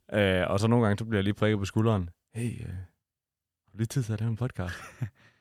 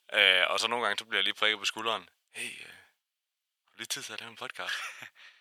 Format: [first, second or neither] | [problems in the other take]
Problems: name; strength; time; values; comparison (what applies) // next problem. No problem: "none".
first | thin; very; fading below 900 Hz